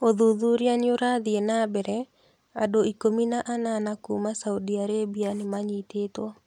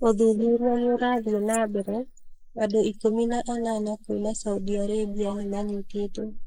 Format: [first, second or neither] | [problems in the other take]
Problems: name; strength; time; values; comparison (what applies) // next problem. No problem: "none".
first | noise reduction (neural mask model Resemble Enhance denoiser)